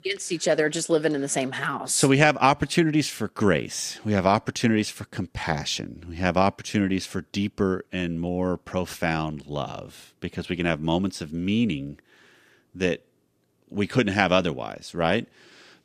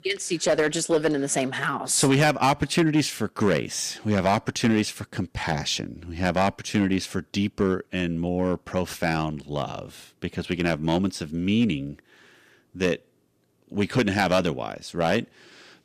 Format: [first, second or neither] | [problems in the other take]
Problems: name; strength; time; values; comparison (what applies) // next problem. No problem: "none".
first | distortion; slight; 3% of the sound clipped